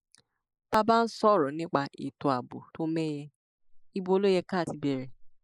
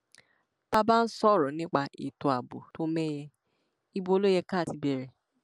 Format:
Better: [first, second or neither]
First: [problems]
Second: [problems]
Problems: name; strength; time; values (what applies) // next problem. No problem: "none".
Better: second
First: noise reduction (neural mask model Resemble Enhance denoiser)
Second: none